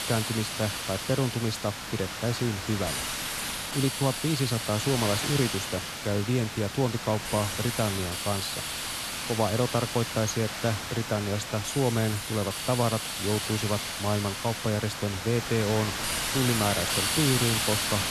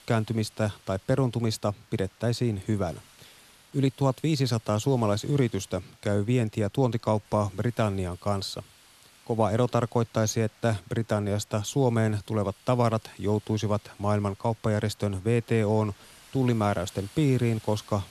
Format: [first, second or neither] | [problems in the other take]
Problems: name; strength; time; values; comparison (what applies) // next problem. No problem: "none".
second | hiss; loud; throughout; 1 dB below the speech; faint in the second